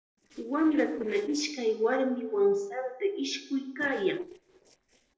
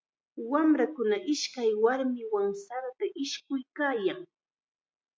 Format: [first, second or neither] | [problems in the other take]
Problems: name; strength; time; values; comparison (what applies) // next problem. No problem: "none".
second | noise reduction (neural separator model SepFormer DNS4)